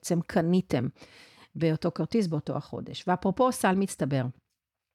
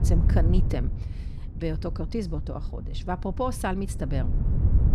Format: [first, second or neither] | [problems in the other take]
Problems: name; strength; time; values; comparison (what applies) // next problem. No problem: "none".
first | wind noise on the microphone; occasional gusts; 10 dB below the speech